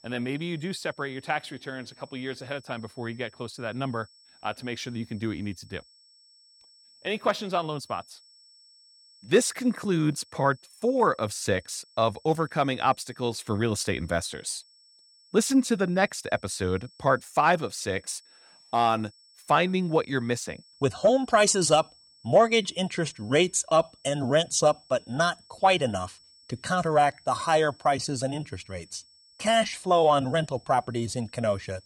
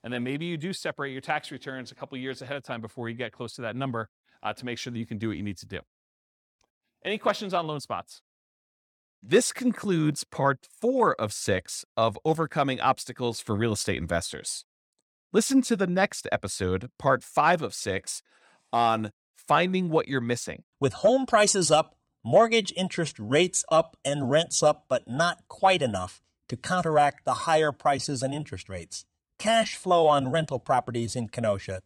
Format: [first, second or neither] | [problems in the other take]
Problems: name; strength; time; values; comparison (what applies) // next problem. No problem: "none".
second | high-pitched whine; faint; throughout; 5.5 kHz, 30 dB below the speech